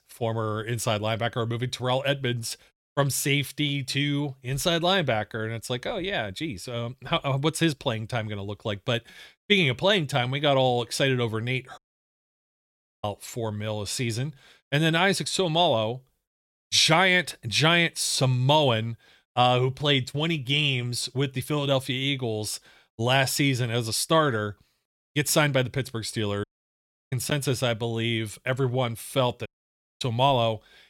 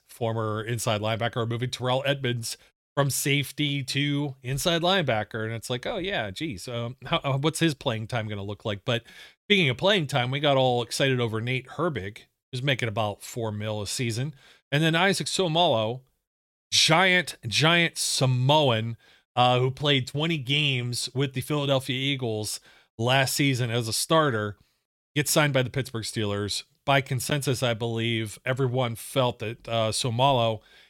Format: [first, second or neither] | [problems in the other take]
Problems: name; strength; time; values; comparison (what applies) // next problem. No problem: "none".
second | audio cutting out; at 12 s for 1.5 s, at 26 s for 0.5 s and at 29 s for 0.5 s